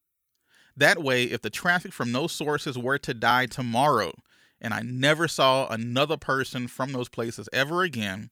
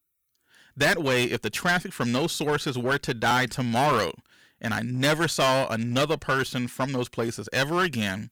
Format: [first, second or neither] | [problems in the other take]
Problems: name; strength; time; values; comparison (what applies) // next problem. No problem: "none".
first | distortion; heavy; 9% of the sound clipped